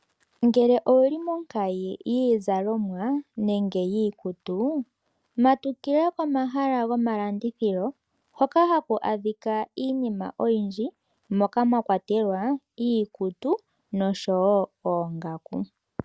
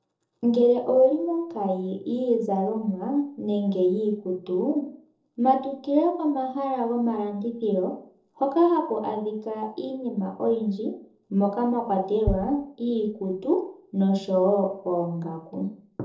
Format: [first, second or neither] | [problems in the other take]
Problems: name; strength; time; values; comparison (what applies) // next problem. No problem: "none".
first | noise reduction (neural separator model SepFormer DNS4)